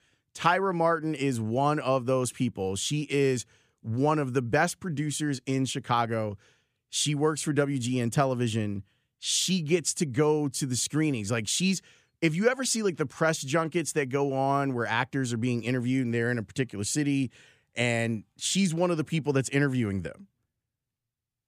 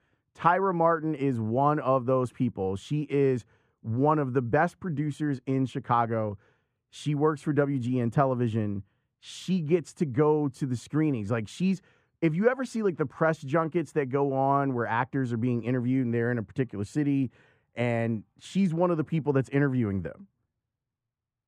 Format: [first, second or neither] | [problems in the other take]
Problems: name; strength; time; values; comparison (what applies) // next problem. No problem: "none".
first | muffled; very; fading above 2.5 kHz